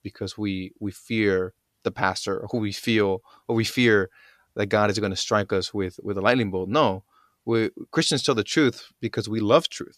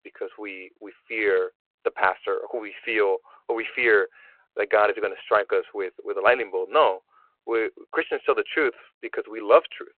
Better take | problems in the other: first | phone-call audio

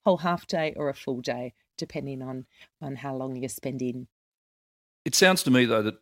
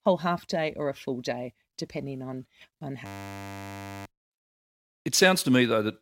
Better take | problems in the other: first | audio freezing; at 3 s for 1 s

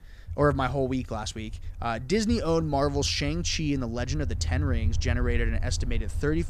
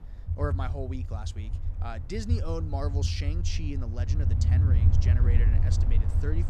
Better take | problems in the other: first | low rumble; loud; throughout; 4 dB below the speech; faint in the first

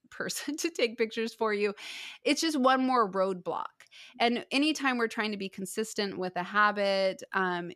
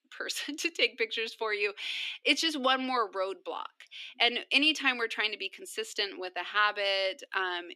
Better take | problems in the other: first | thin; very slightly; fading below 250 Hz

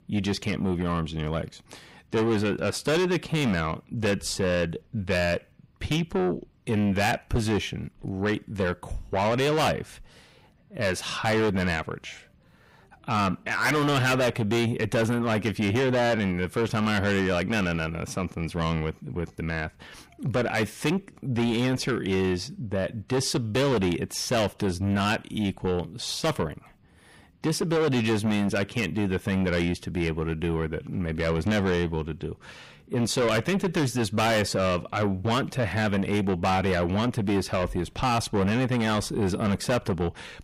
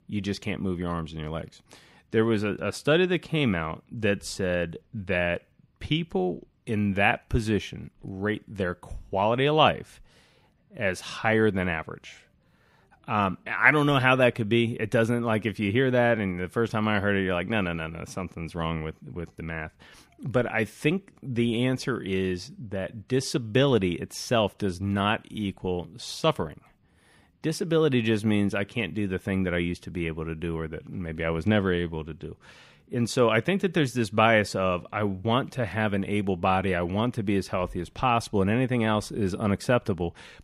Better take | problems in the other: second | distortion; heavy; 6 dB below the speech

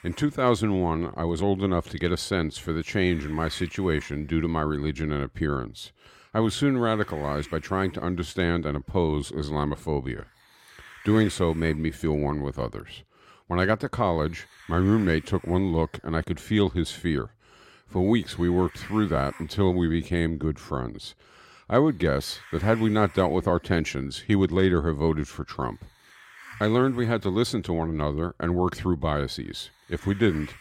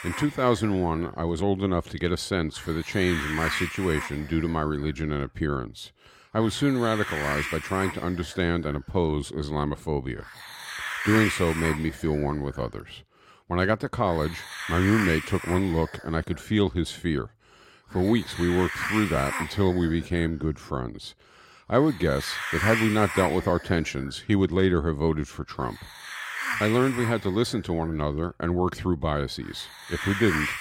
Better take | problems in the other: first | hiss; loud; throughout; 5 dB below the speech; faint in the first

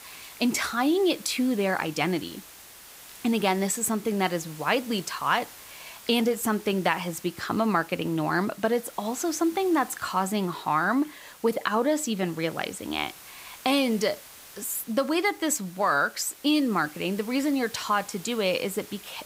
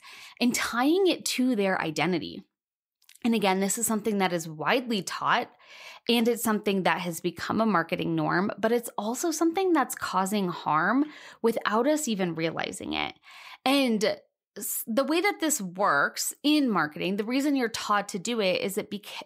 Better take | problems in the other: second | hiss; noticeable; throughout; 20 dB below the speech

